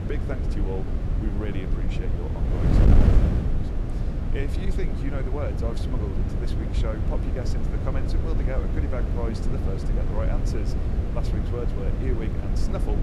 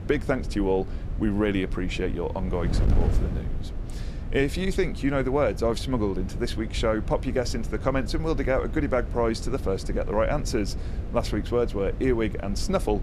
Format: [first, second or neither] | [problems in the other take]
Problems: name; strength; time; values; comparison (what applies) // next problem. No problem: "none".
second | wind noise on the microphone; heavy; 1 dB above the speech; occasional gusts in the second